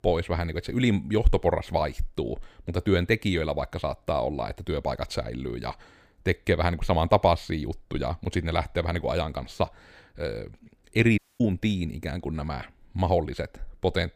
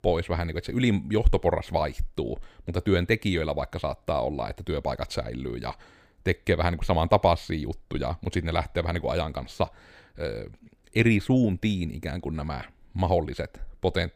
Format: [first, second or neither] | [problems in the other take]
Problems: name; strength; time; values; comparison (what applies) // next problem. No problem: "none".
second | audio cutting out; at 11 s